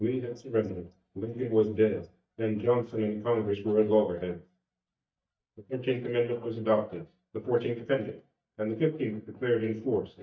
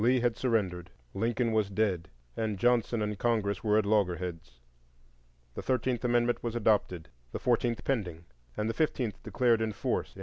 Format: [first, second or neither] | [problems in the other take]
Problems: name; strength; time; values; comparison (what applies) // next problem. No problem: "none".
second | noise reduction (neural mask model DeepFilterNet 3)